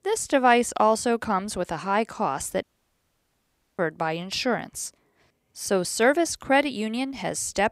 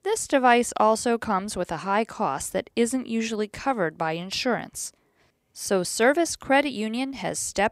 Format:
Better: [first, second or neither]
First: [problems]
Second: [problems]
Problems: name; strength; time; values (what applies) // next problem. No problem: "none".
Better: second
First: audio cutting out; at 2.5 s for 1 s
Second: none